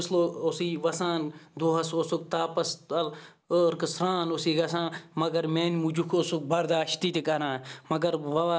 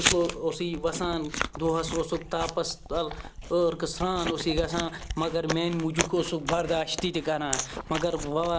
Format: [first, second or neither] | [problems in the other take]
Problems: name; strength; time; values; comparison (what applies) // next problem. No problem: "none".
first | background sound (Chewing, mastication); 6 dB below the speech